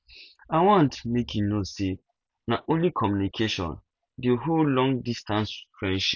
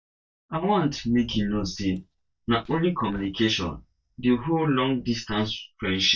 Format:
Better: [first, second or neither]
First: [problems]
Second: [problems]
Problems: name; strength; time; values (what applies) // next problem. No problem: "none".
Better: first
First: none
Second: noise reduction (neural mask model DeepFilterNet 3)